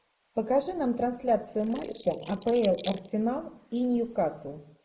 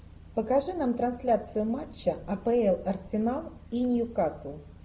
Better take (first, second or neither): second